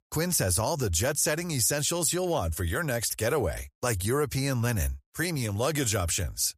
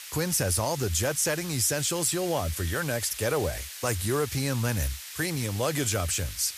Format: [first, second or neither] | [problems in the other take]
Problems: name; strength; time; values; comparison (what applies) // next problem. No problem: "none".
first | hiss; noticeable; throughout; 10 dB below the speech